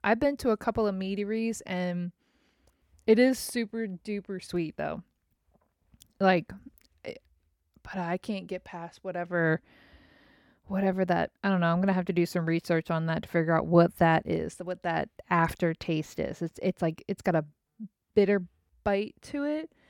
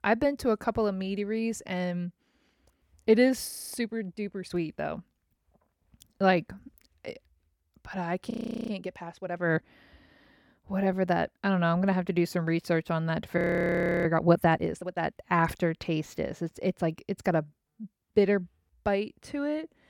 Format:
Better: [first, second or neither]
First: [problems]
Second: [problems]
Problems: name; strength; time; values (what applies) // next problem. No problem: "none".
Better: first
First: none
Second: audio freezing; at 3.5 s, at 8.5 s and at 13 s for 0.5 s